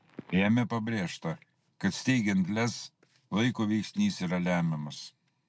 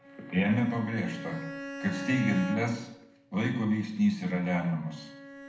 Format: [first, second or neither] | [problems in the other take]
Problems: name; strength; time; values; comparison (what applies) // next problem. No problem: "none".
first | background sound (Bowed string instrument); 12 dB below the speech // room echo; dies away in 0.8 s